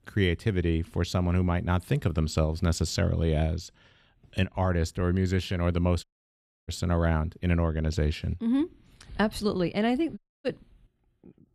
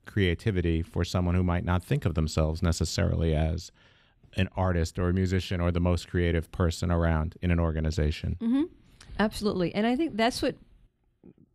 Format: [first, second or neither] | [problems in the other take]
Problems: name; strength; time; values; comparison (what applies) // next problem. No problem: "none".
second | audio cutting out; at 6 s for 0.5 s and at 10 s